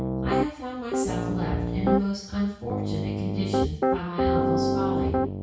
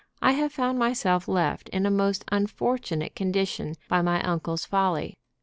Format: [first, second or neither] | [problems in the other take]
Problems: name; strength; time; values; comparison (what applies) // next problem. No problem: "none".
second | background sound (Piano); 4 dB above the speech // room echo; dies away in 0.6 s